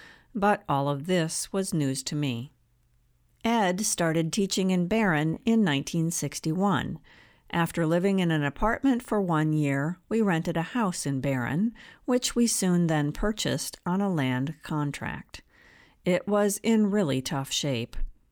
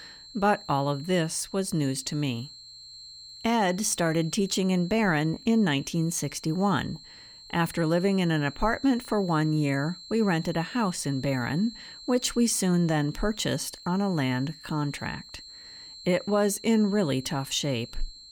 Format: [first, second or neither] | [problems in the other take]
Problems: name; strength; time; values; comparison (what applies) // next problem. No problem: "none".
first | high-pitched whine; noticeable; throughout; 4 kHz, 15 dB below the speech